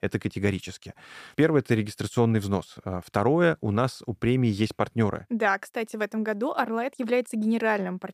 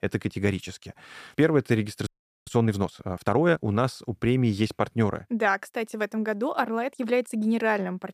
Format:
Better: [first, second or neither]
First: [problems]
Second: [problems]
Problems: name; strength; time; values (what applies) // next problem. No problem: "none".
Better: first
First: none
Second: audio freezing; at 2 s